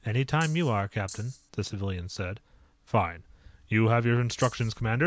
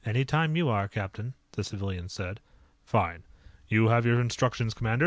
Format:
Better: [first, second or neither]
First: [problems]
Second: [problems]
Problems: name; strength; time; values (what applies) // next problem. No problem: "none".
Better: second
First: background sound (Rattle (instrument)); 18 dB below the speech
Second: none